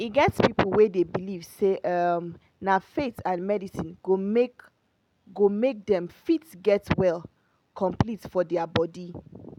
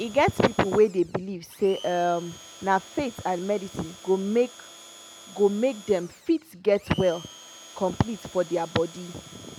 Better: first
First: none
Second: background sound (Domestic sounds, home sounds); 20 dB below the speech

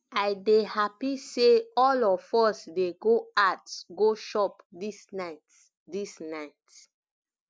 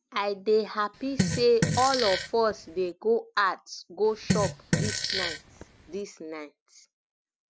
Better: first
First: none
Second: background sound (Fart); 2 dB below the speech

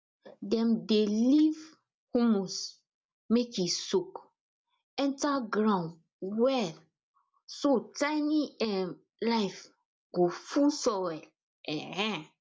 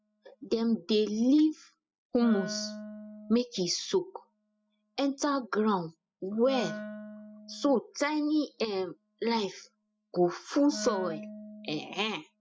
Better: first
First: none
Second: noise reduction (classical method spectral subtraction)

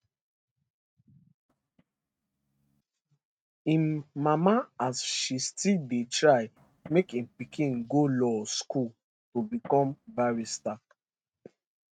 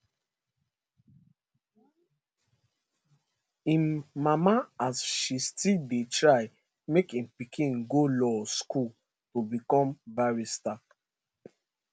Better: second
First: noise reduction (neural mask model RNNoise)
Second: none

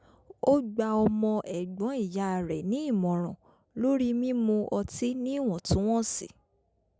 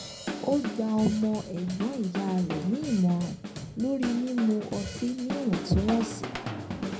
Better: first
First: none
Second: background sound (Drum / Drum kit); 8 dB below the speech // room echo; dies away in 0.3 s

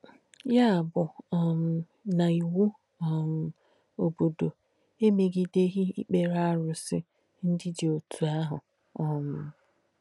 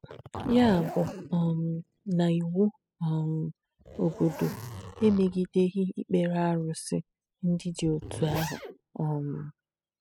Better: first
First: none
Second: noise reduction (classical method spectral subtraction)

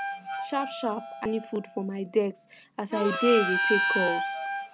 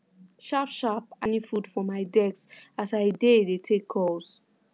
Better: second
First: background sound (Harmonica); 2 dB below the speech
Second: none

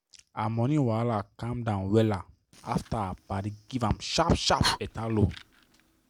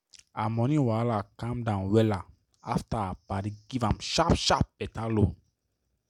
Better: second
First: background sound (Fire); 13 dB below the speech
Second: none

